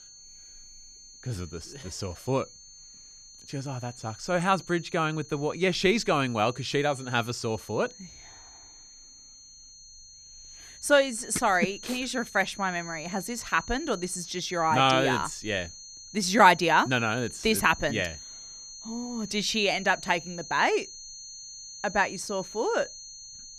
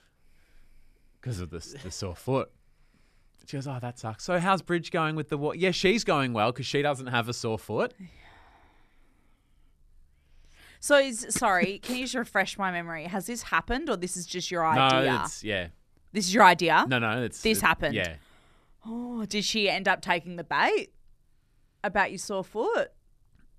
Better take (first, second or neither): second